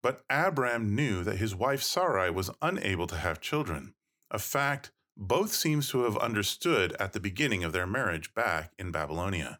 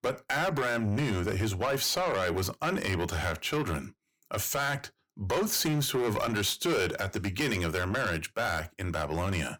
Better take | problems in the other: first | distortion; heavy; 6 dB below the speech

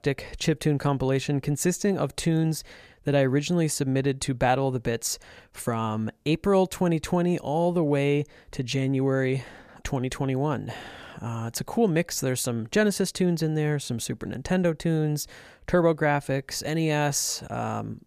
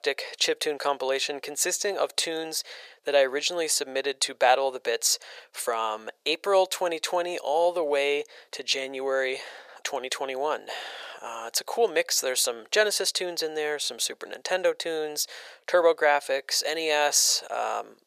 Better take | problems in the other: first | thin; very; fading below 500 Hz

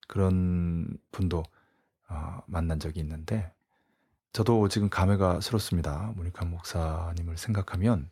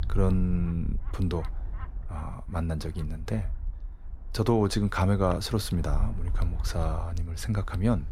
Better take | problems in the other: first | wind noise on the microphone; occasional gusts; 20 dB below the speech

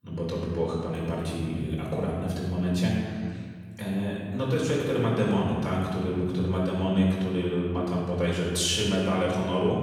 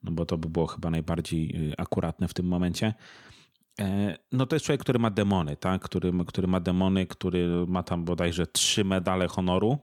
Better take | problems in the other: second | room echo; strong; dies away in 1.8 s // off-mic speech; far

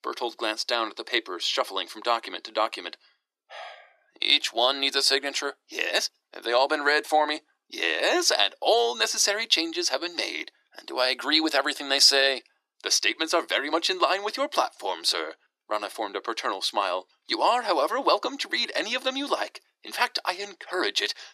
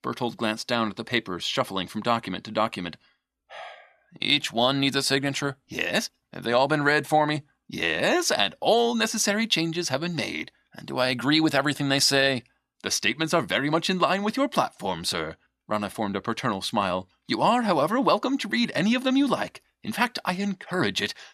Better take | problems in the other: second | thin; somewhat; fading below 350 Hz

